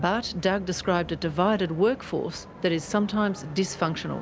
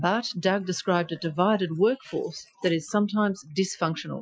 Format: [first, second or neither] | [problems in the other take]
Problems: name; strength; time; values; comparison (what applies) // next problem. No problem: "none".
first | noise reduction (classical method Wiener filter)